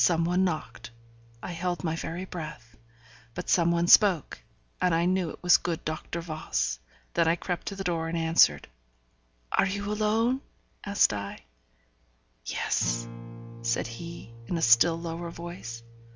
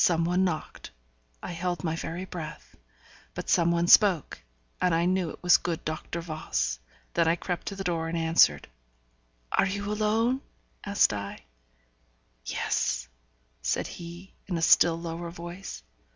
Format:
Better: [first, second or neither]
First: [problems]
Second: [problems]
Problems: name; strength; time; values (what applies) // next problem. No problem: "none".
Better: second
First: background sound (Acoustic guitar); 19 dB below the speech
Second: none